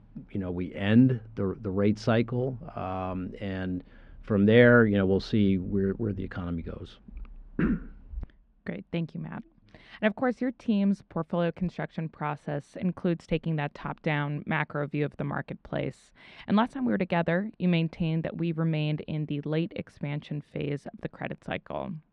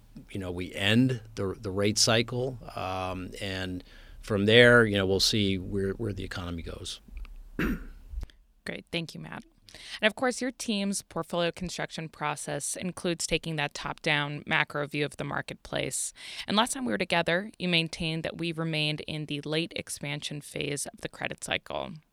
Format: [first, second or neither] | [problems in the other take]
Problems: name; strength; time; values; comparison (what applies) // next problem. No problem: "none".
second | muffled; very; fading above 1.5 kHz